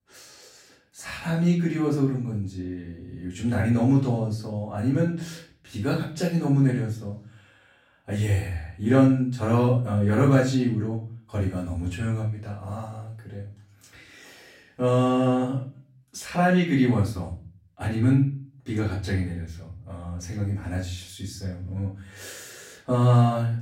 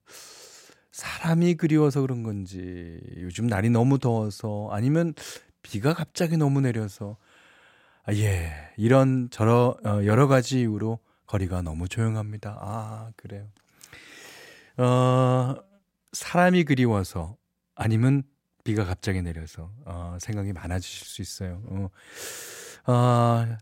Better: second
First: room echo; slight; dies away in 0.4 s // off-mic speech; far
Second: none

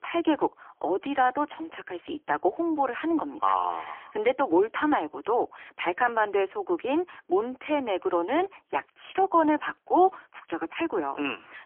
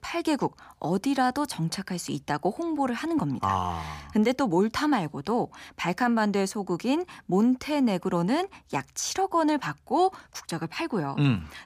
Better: second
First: phone-call audio; poor line; nothing above 3 kHz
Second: none

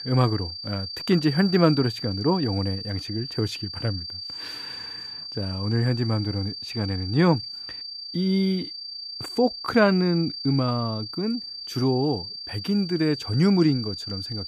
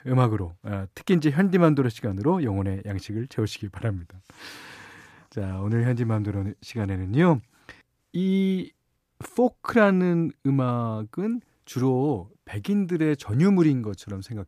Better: second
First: high-pitched whine; loud; throughout; 4.5 kHz, 8 dB below the speech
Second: none

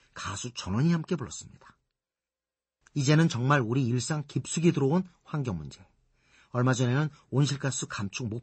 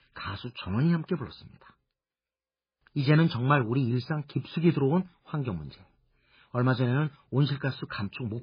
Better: first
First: garbled, watery; slightly; nothing above 8 kHz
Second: garbled, watery; badly; nothing above 4 kHz

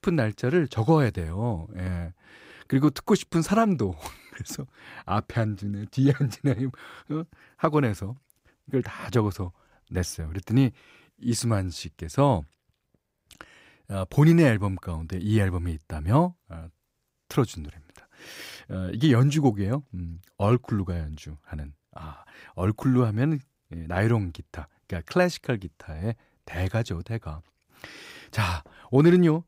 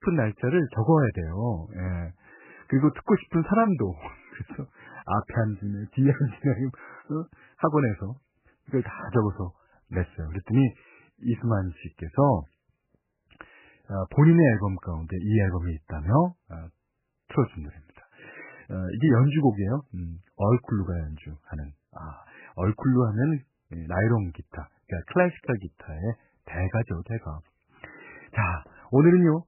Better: first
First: none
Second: garbled, watery; badly; nothing above 2.5 kHz

